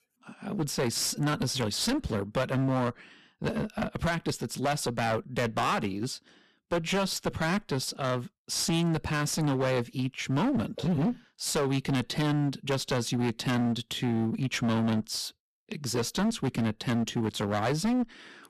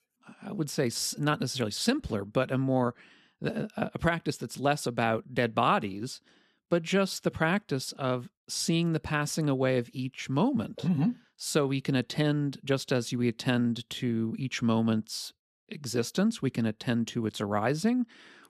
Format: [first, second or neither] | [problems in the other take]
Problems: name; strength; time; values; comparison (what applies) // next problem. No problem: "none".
second | distortion; heavy; 17% of the sound clipped